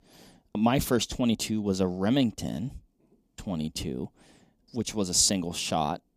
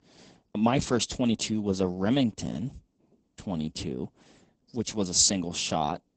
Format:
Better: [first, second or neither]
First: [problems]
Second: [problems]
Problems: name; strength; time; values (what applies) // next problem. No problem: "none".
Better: first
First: none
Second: garbled, watery; badly; nothing above 8 kHz